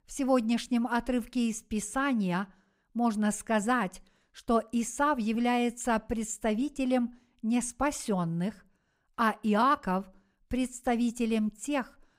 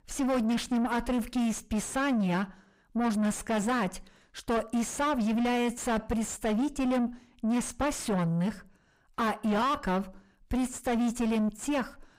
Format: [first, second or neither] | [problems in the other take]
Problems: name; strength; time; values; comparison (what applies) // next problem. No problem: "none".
first | distortion; heavy; 5 dB below the speech